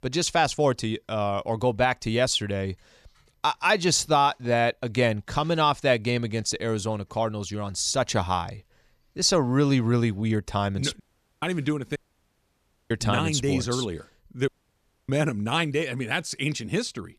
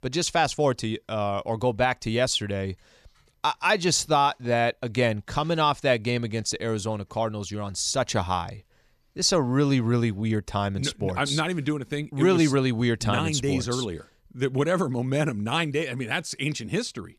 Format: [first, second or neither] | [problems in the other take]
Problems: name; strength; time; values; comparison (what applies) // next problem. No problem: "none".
second | audio cutting out; at 11 s, at 12 s for 1 s and at 14 s for 0.5 s